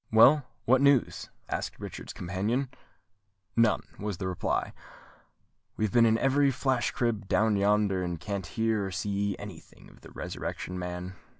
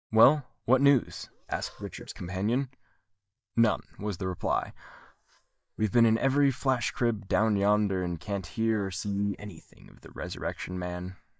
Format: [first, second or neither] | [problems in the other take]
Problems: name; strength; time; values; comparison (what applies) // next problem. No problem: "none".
first | noise reduction (neural mask model DeepFilterNet 3)